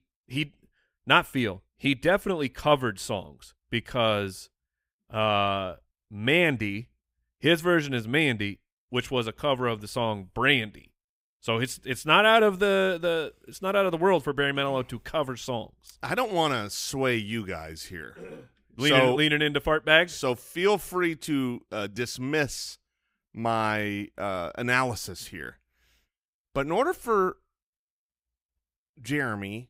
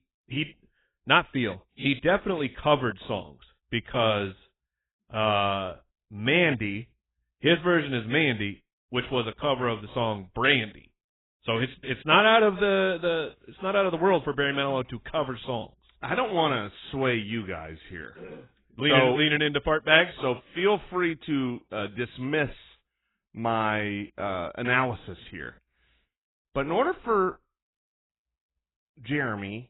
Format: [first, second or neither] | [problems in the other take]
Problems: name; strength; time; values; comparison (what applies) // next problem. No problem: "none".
first | garbled, watery; badly; nothing above 3.5 kHz